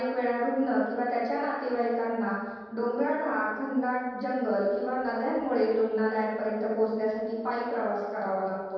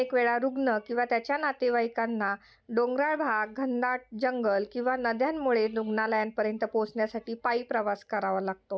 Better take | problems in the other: second | room echo; dies away in 1.2 s

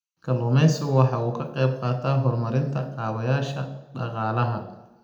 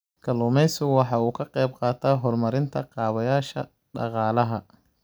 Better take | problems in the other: second | room echo; dies away in 0.7 s

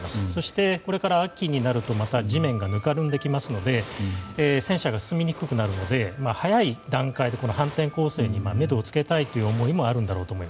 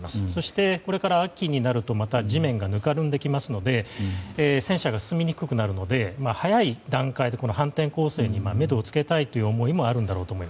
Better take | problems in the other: second | background sound (Wind chime + Fire); 19 dB below the speech

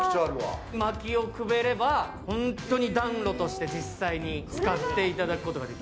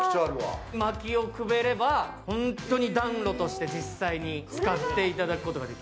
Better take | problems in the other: second | background sound (Thunder); 17 dB below the speech

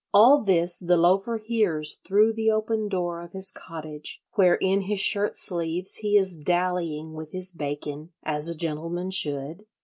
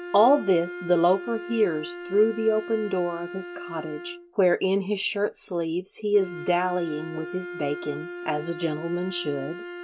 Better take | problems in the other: first | background sound (Wind instrument, woodwind instrument); 12 dB below the speech

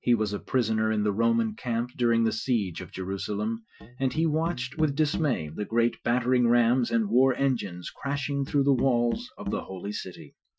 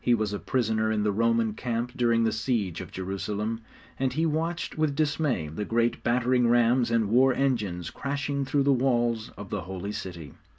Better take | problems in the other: second | noise reduction (classical method Wiener filter)

